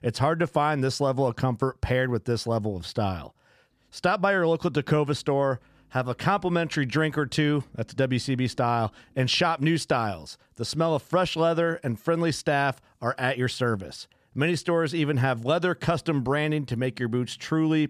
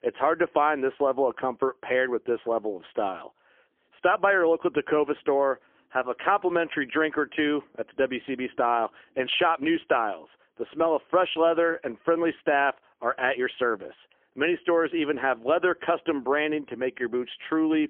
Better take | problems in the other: first | phone-call audio; poor line; nothing above 3.5 kHz

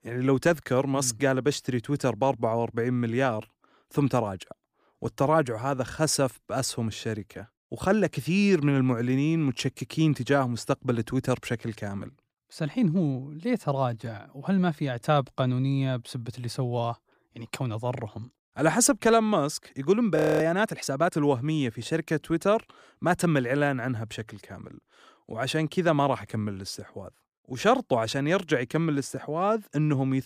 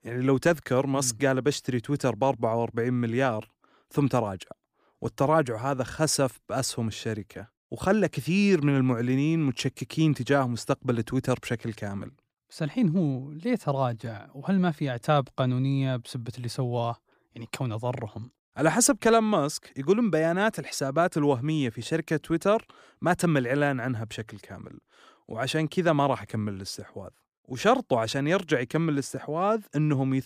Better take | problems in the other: second | audio freezing; at 20 s

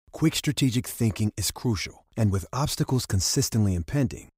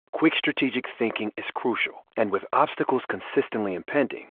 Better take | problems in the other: first | phone-call audio; nothing above 3.5 kHz

